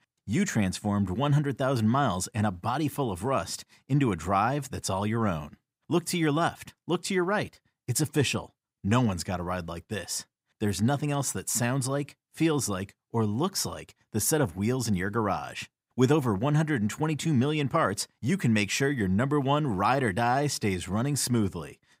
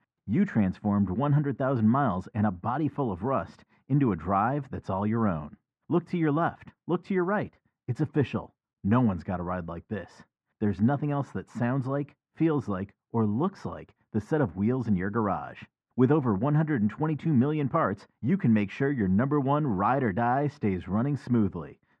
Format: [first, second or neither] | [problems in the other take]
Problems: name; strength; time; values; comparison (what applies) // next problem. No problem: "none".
first | muffled; very; fading above 1.5 kHz